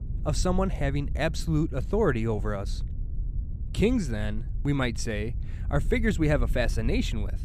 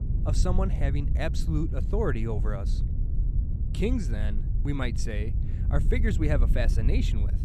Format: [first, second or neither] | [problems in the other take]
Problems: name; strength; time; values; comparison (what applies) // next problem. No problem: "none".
first | low rumble; loud; throughout; 10 dB below the speech; faint in the first